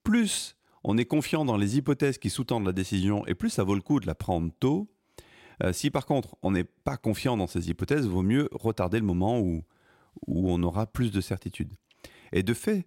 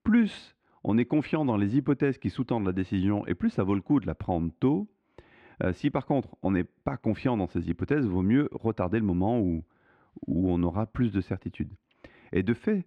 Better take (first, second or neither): first